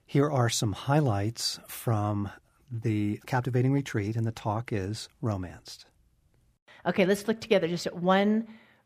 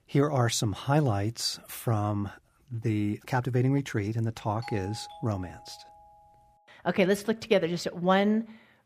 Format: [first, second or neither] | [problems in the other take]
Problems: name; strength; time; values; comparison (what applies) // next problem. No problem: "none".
first | doorbell; faint; from 4.5 to 6.5 s; peak 15 dB below the speech